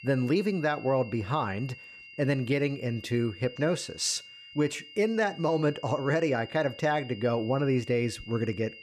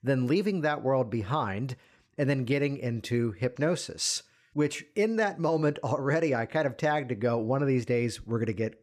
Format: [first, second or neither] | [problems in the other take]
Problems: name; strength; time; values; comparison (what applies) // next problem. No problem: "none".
second | high-pitched whine; noticeable; throughout; 3 kHz, 15 dB below the speech